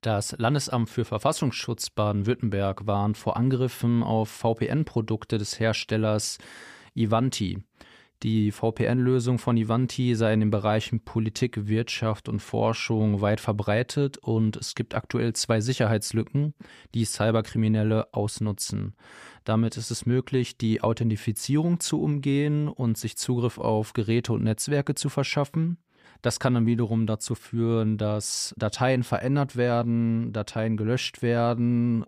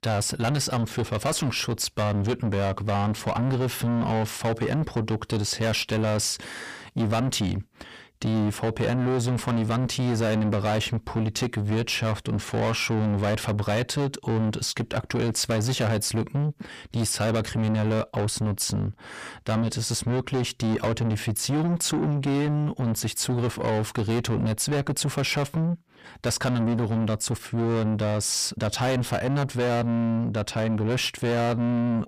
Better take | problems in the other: first | distortion; heavy; 7 dB below the speech

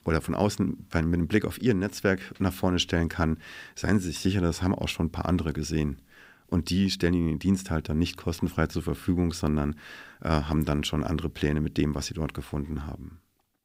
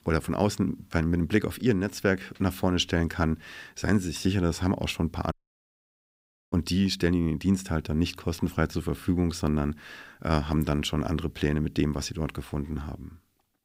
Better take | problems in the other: first | audio cutting out; at 5.5 s for 1 s

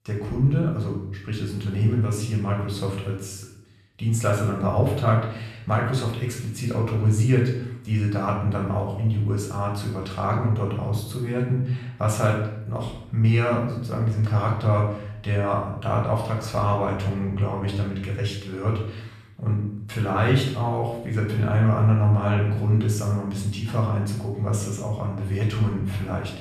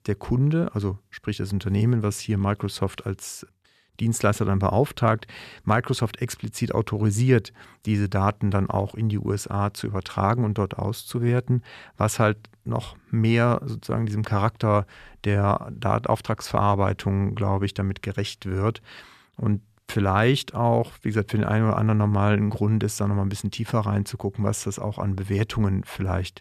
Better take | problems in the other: second | off-mic speech; far // room echo; noticeable; dies away in 0.7 s

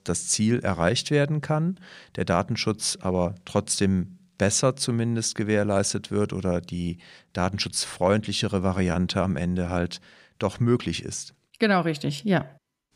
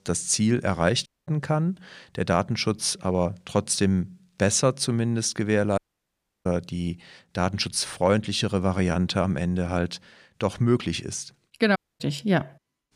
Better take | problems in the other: first | audio cutting out; at 1 s, at 6 s for 0.5 s and at 12 s

